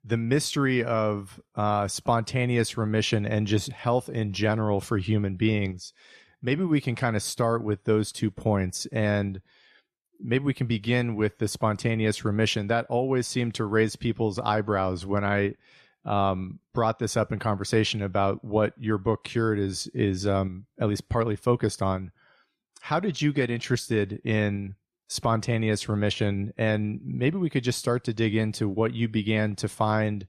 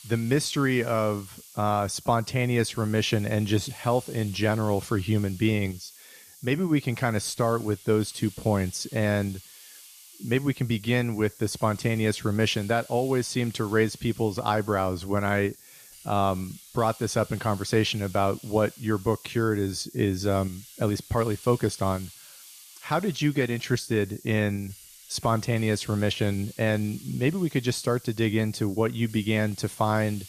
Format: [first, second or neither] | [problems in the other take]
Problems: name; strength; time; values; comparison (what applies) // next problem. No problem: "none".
first | hiss; noticeable; throughout; 20 dB below the speech